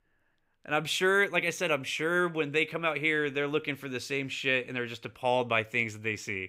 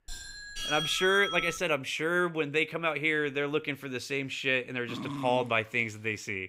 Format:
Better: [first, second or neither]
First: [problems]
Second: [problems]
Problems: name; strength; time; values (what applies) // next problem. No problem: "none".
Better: first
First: none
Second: doorbell; noticeable; until 1.5 s; peak 2 dB below the speech // dog barking; noticeable; at 5 s; peak 8 dB below the speech